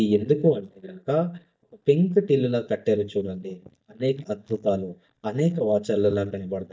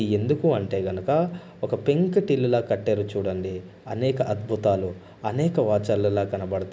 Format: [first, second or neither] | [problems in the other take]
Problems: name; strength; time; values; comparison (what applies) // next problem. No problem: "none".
second | noise reduction (neural mask model DeepFilterNet 3)